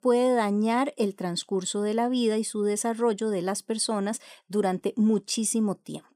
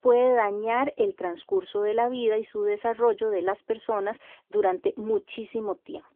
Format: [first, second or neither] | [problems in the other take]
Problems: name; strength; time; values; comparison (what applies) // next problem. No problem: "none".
first | phone-call audio; nothing above 3.5 kHz